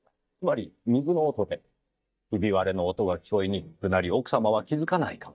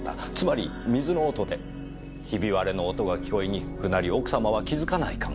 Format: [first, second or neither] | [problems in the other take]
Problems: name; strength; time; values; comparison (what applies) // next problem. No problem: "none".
second | noise reduction (neural mask model DeepFilterNet 3)